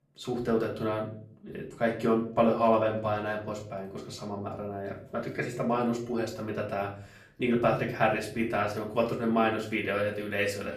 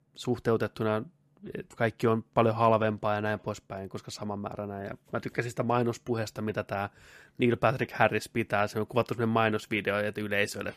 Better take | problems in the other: second | off-mic speech; far // room echo; slight; dies away in 0.4 s

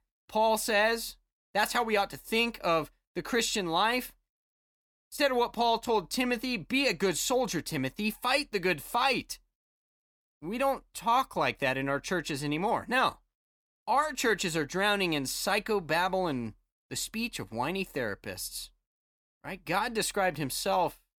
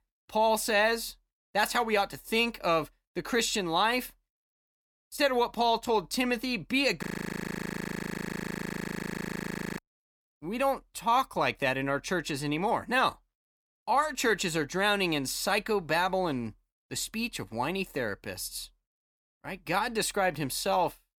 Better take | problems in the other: first | audio freezing; at 7 s for 2.5 s

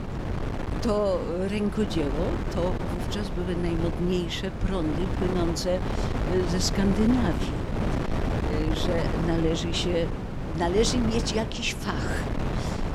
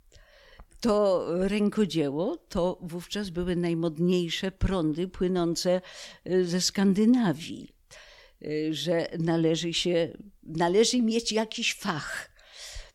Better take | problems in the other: second | wind noise on the microphone; heavy; 4 dB below the speech

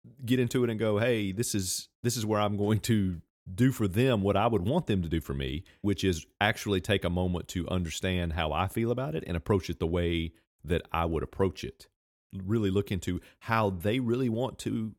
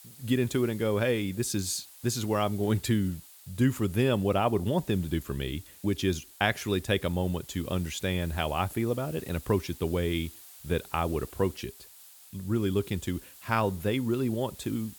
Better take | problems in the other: first | hiss; noticeable; throughout; 20 dB below the speech

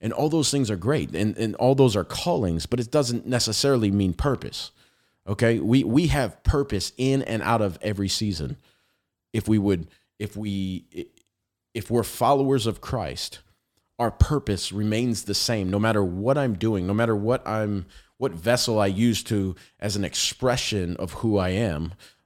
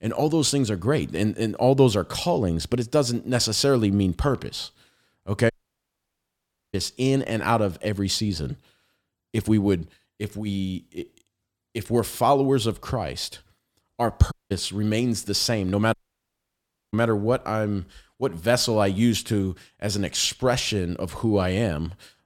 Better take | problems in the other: first | audio cutting out; at 5.5 s for 1 s, at 14 s and at 16 s for 1 s

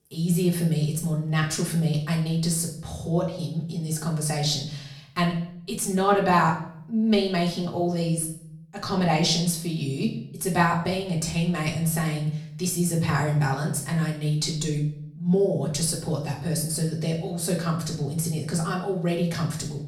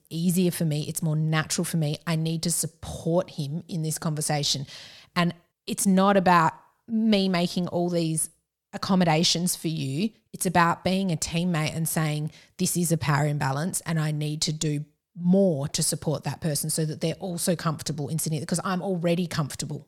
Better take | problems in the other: second | room echo; slight; dies away in 0.5 s // off-mic speech; far

